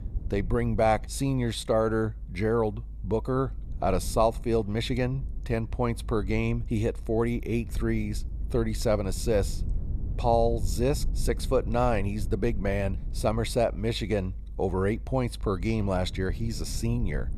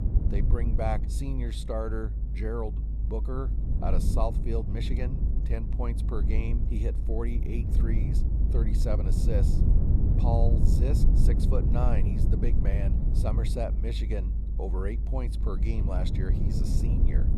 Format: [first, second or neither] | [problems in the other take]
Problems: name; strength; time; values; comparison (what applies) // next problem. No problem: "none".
first | low rumble; loud; throughout; 5 dB below the speech; faint in the first